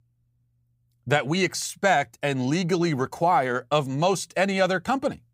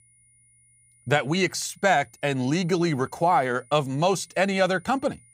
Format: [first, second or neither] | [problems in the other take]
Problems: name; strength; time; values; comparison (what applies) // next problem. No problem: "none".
first | high-pitched whine; faint; throughout; 9.5 kHz, 30 dB below the speech